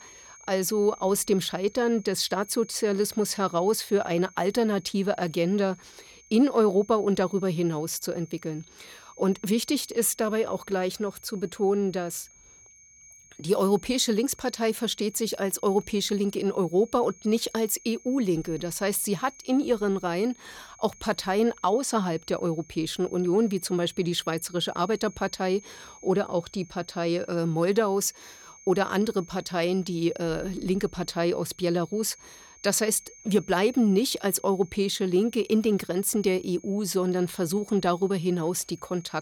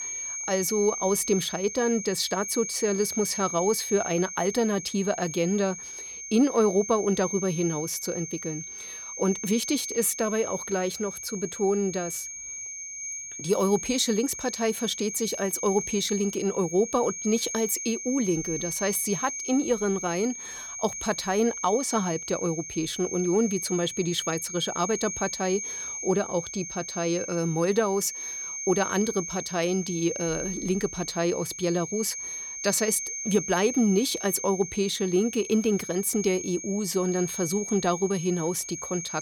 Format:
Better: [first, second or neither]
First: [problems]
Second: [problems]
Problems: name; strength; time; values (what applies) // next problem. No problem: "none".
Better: first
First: high-pitched whine; faint; throughout; 6.5 kHz, 25 dB below the speech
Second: high-pitched whine; loud; throughout; 6.5 kHz, 6 dB below the speech